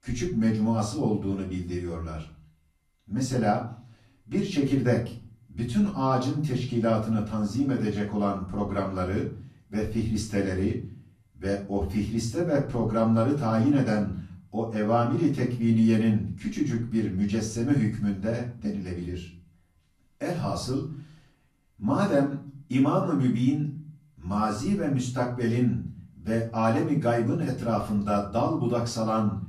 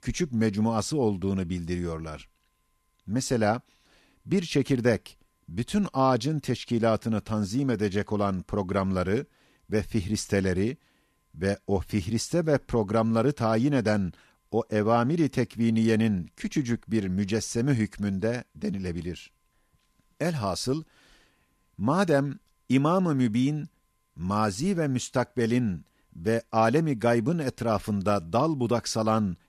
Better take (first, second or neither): second